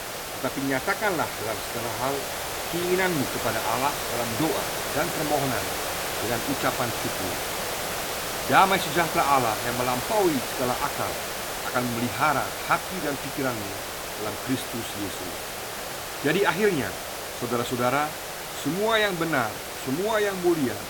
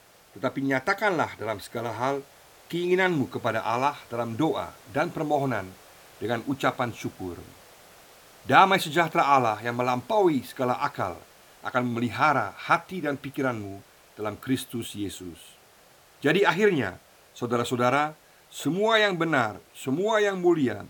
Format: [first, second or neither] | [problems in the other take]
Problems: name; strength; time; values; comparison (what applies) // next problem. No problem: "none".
second | hiss; loud; throughout; 3 dB below the speech; faint in the second